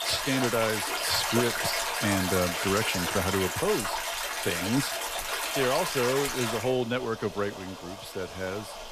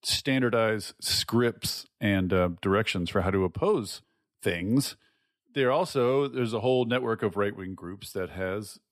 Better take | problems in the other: second | rain or running water; very loud; throughout; as loud as the speech

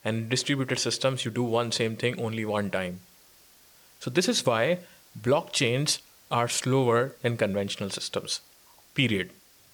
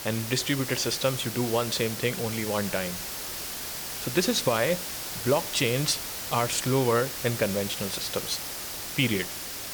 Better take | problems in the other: first | hiss; loud; throughout; 5 dB below the speech; faint in the first

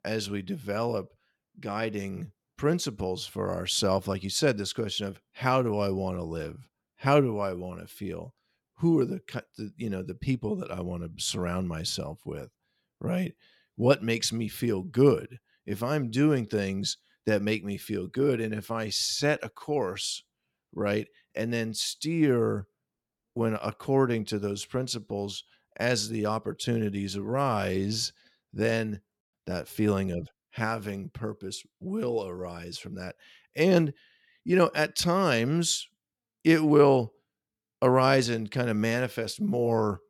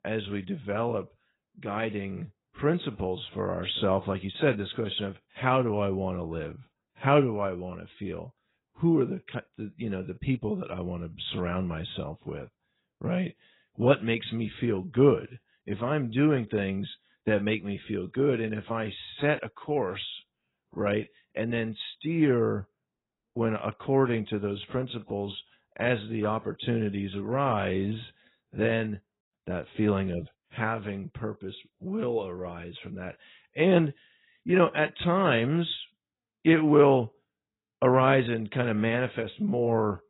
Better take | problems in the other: first | garbled, watery; badly; nothing above 4 kHz

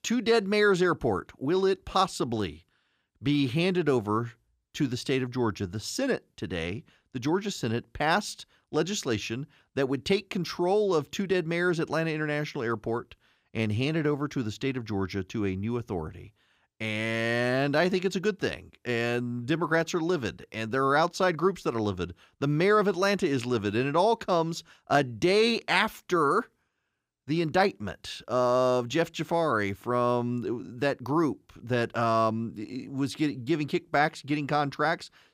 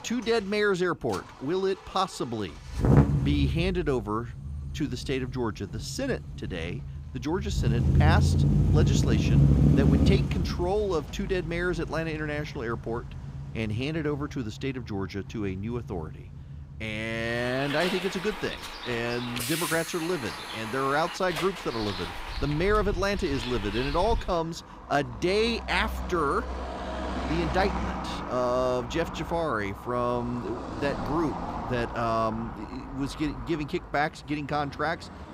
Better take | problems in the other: first | traffic noise; loud; throughout; as loud as the speech

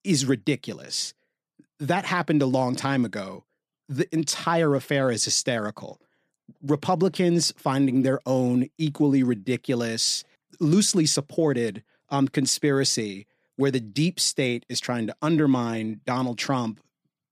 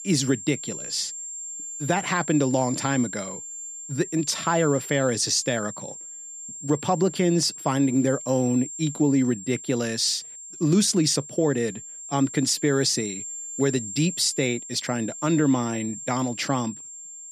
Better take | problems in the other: first | high-pitched whine; noticeable; throughout; 7.5 kHz, 10 dB below the speech

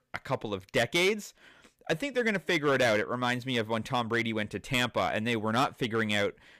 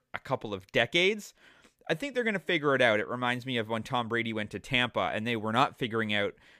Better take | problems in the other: second | distortion; slight; 4% of the sound clipped

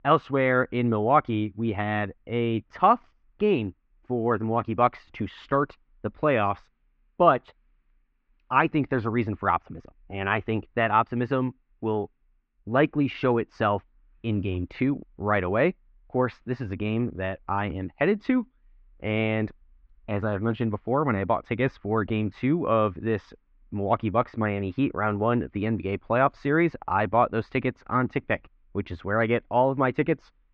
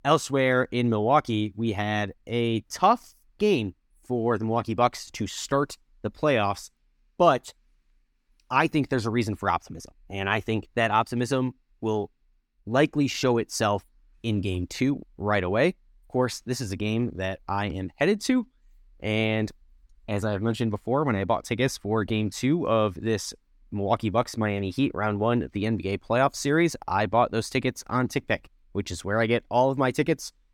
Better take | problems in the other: second | muffled; very; fading above 2.5 kHz

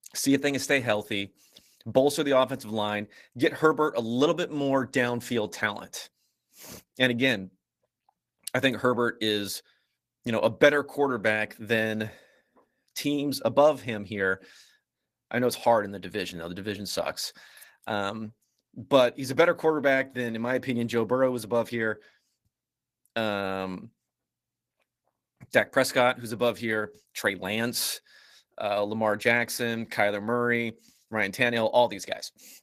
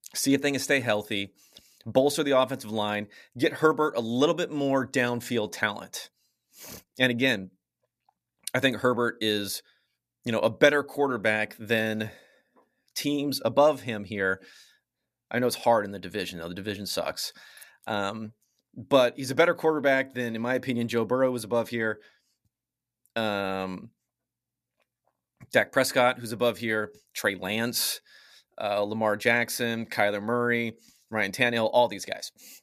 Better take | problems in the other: second | garbled, watery; slightly; nothing above 14.5 kHz

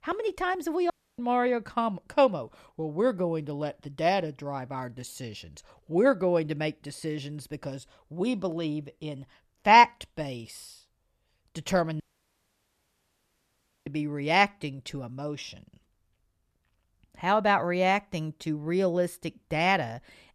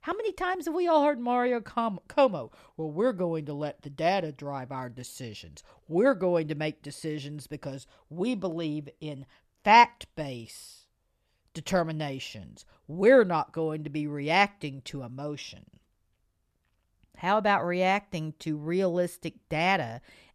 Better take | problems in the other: second | audio cutting out; at 1 s and at 12 s for 2 s

